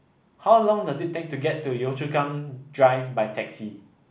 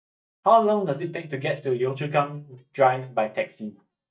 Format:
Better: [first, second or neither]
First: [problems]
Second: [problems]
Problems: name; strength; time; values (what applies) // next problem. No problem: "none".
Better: first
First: none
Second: noise reduction (neural mask model DeepFilterNet 3)